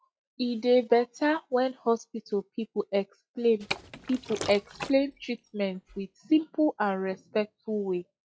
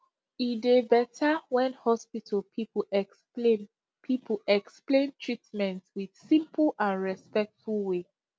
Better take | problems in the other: second | noise reduction (classical method log-MMSE)

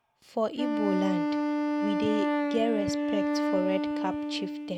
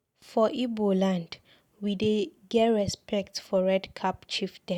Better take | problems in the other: second | background sound (Wind instrument, woodwind instrument); 3 dB above the speech

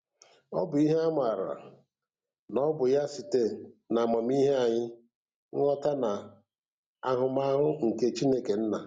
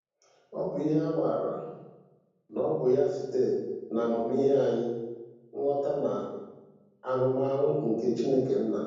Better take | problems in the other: first | room echo; dies away in 1.1 s

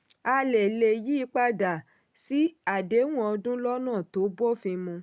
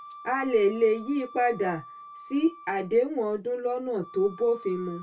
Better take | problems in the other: first | background sound (Wind instrument, woodwind instrument); 19 dB below the speech // room echo; dies away in 0.1 s

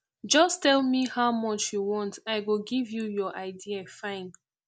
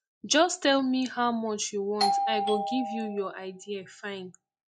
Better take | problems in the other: first | noise reduction (classical method log-MMSE)

